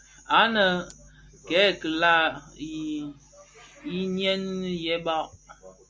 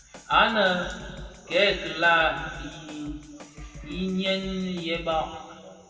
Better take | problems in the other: first | background sound (Drum kit); 17 dB below the speech // room echo; dies away in 2.1 s

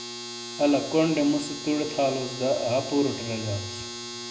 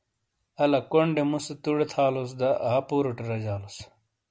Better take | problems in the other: second | background sound (Domestic sounds, home sounds); 10 dB below the speech // room echo; dies away in 0.8 s

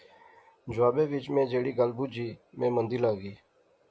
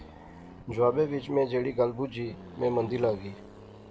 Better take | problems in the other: first | background sound (Accelerating, revving, vroom); 18 dB below the speech

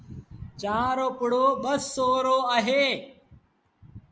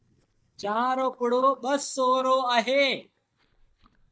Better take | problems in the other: first | noise reduction (neural mask model DeepFilterNet 3)

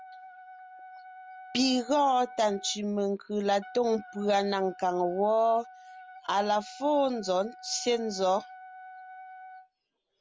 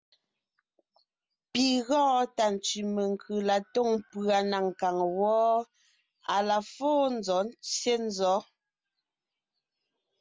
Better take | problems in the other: second | background sound (Wind instrument, woodwind instrument); 18 dB below the speech

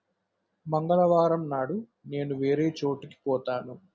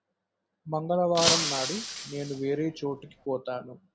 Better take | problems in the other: first | background sound (Shatter); as loud as the speech

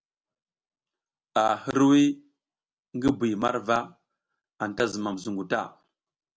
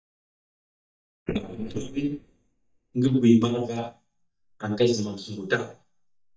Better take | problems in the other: first | noise reduction (neural mask model DeepFilterNet 3)

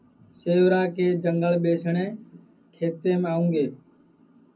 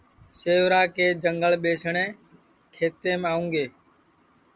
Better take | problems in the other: second | room echo; dies away in 0.4 s

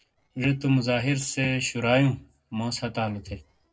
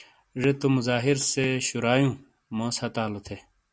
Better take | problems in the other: second | noise reduction (neural separator model SepFormer DNS4)

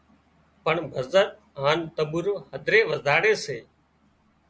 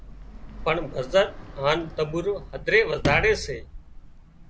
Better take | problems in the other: first | background sound (Sliding door); 10 dB below the speech

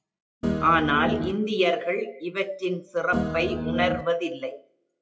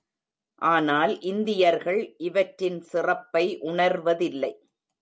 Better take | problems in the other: second | noise reduction (classical method WPE with log-MMSE)

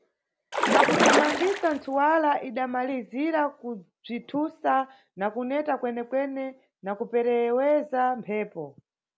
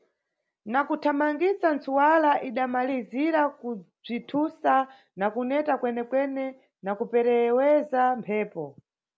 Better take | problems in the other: second | background sound (Splash, splatter); 4 dB above the speech

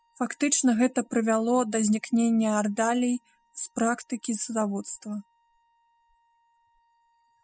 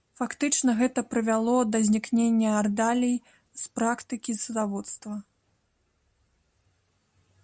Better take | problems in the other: second | noise reduction (classical method spectral subtraction)

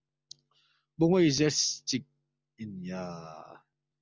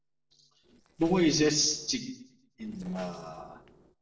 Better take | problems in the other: first | noise reduction (neural separator model SepFormer DNS4)

